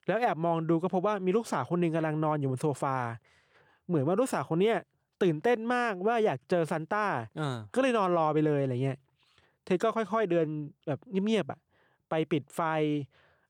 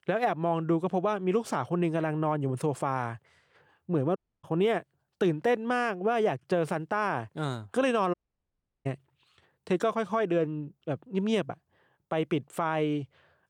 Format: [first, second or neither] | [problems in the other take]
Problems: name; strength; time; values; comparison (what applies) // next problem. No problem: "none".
first | audio cutting out; at 4 s and at 8 s for 0.5 s